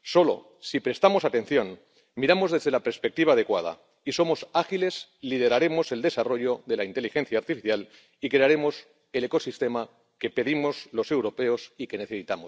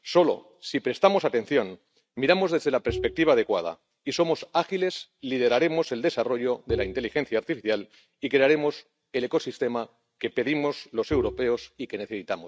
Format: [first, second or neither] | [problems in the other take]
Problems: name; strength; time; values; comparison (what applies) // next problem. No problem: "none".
first | noise reduction (neural mask model RNNoise)